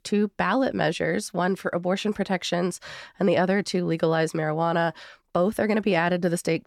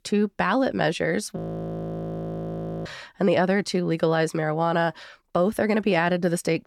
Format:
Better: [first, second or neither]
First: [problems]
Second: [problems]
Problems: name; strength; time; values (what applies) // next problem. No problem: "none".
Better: first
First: none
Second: audio freezing; at 1.5 s for 1.5 s